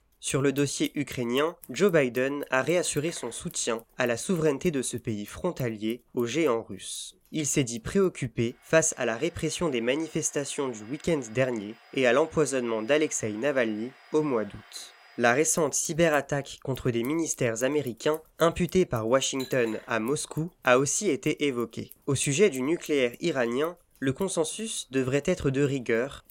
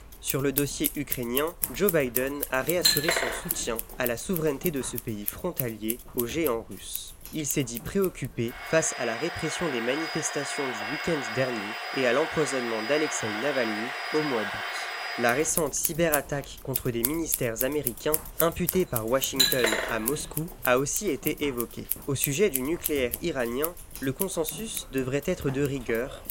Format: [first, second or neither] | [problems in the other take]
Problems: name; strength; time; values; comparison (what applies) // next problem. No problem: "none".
first | household noises; loud; throughout; 2 dB below the speech; faint in the first